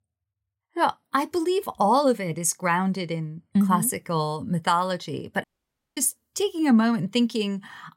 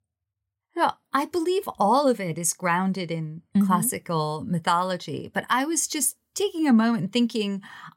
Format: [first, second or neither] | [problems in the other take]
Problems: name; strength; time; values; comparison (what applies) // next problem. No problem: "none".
second | audio cutting out; at 5.5 s for 0.5 s